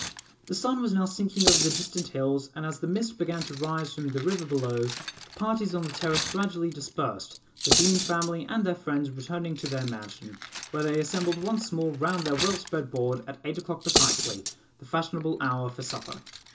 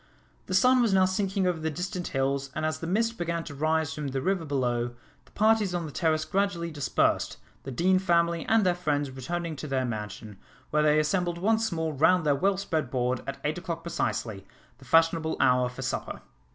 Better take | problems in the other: second | background sound (Cutlery, silverware); 3 dB below the speech // room echo; dies away in 0.2 s

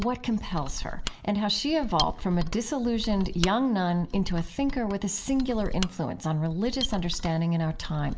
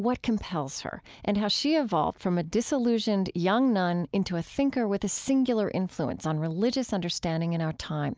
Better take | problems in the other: second | background sound (Mechanisms); 7 dB below the speech // room echo; dies away in 0.5 s

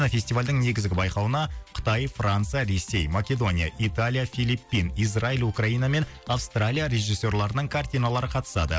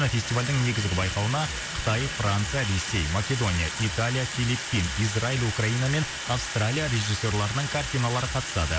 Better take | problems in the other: first | background sound (Sink (filling or washing) / Water tap, faucet); 7 dB below the speech

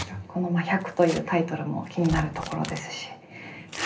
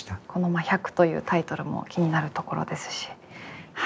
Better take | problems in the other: second | background sound (Tearing); 12 dB below the speech // room echo; dies away in 0.3 s

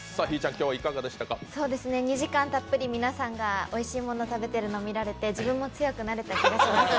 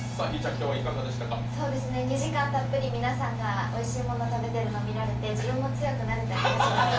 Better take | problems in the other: first | background sound (Engine); as loud as the speech // room echo; dies away in 0.3 s

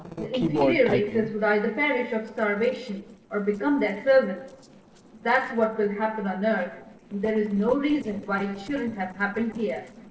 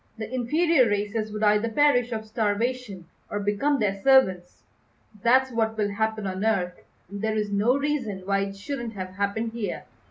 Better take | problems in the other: second | noise reduction (neural separator model SepFormer DNS4)

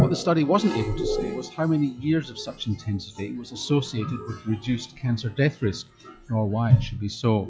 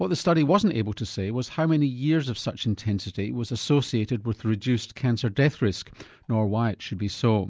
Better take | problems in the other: second | noise reduction (classical method log-MMSE)

